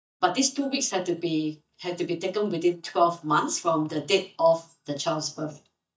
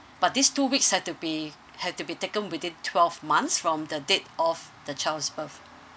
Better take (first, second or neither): second